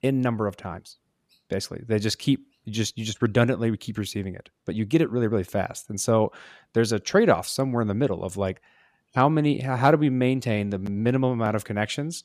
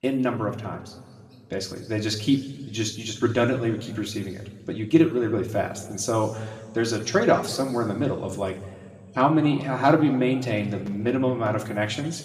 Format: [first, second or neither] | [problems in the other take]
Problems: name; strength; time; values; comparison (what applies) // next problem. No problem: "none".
first | room echo; noticeable; dies away in 1.9 s // off-mic speech; somewhat distant